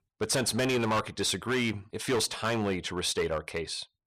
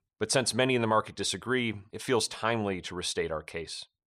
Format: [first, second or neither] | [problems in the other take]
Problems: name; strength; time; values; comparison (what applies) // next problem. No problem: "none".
second | distortion; heavy; 12% of the sound clipped